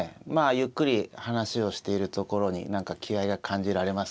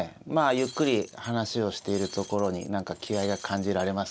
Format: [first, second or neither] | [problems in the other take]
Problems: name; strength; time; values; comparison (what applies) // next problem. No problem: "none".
first | background sound (Shatter); 18 dB below the speech